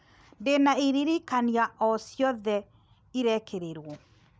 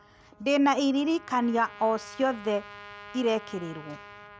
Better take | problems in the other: first | background sound (Trumpet); 19 dB below the speech

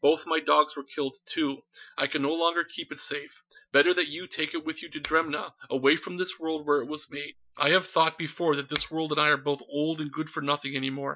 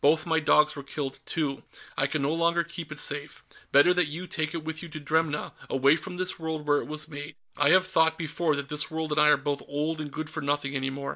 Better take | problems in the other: second | noise reduction (classical method Wiener filter)

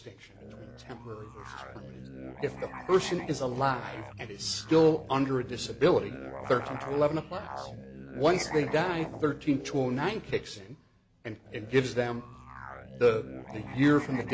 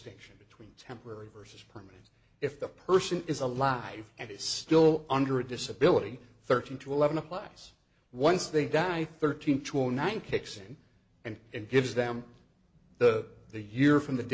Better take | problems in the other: second | background sound (Musical instrument); 13 dB below the speech

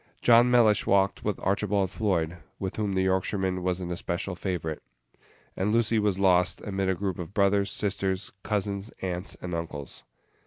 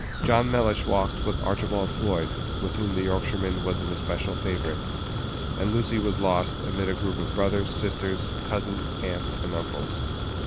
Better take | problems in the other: first | background sound (Fire); 1 dB below the speech

